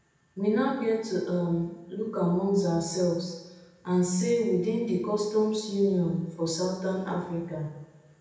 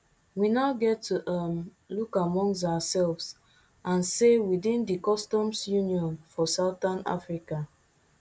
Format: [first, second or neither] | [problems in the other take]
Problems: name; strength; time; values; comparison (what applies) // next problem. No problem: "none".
second | room echo; dies away in 0.9 s